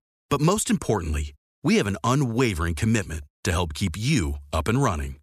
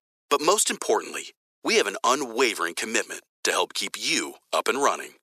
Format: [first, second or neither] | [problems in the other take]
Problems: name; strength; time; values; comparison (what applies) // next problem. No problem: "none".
first | thin; very; fading below 350 Hz